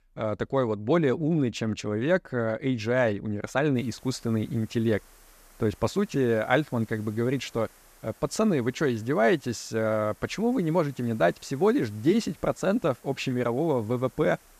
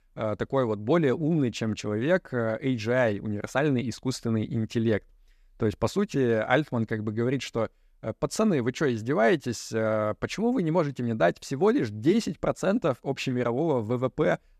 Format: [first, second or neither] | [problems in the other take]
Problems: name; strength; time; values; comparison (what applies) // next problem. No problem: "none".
second | hiss; faint; from 4 s on; 30 dB below the speech